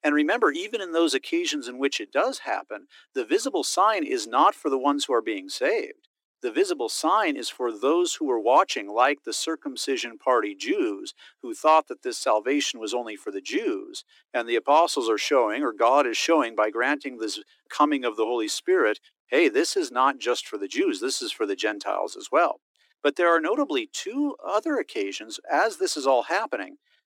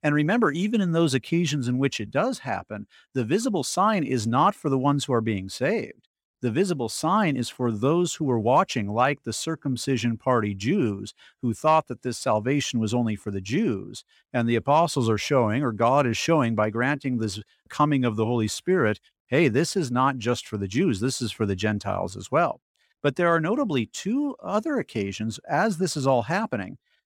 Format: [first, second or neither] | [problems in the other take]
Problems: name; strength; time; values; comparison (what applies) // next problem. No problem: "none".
second | thin; somewhat; fading below 300 Hz